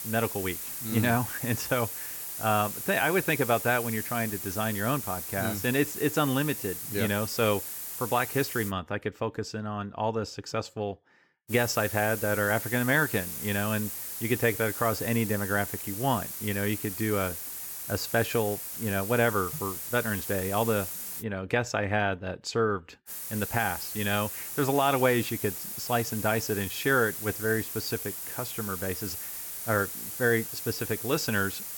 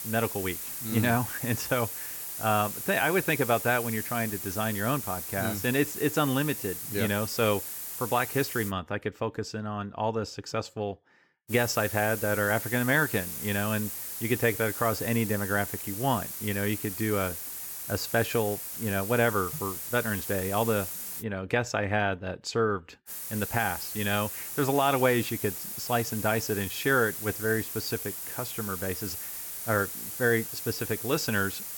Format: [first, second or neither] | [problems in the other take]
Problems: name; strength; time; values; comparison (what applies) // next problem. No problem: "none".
neither | hiss; loud; until 8.5 s, from 12 to 21 s and from 23 s on; 5 dB below the speech; the same in both